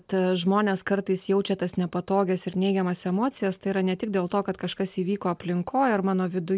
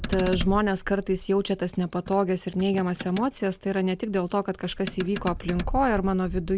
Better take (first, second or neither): first